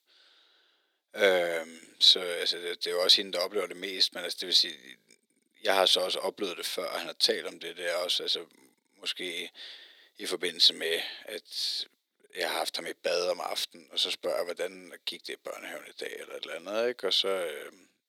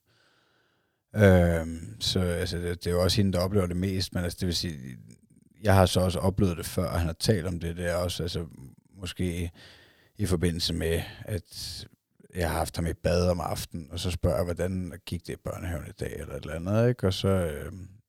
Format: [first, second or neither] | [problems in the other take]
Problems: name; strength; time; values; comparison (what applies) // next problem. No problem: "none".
second | thin; very; fading below 350 Hz